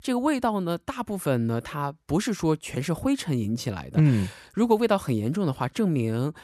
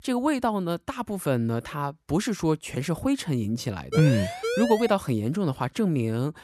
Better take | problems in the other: first | siren; noticeable; from 4 to 5 s; peak 2 dB below the speech

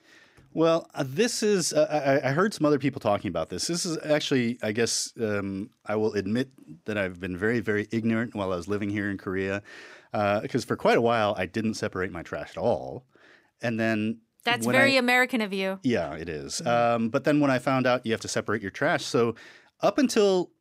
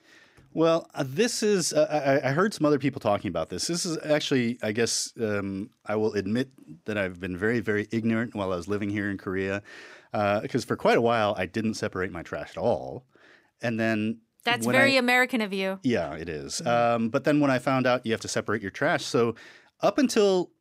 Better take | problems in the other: neither | none

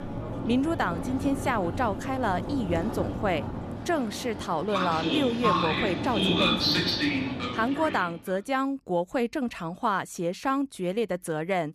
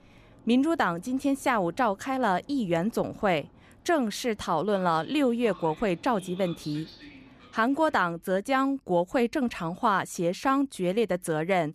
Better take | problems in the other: second | train or aircraft noise; loud; until 8 s; as loud as the speech; faint in the second

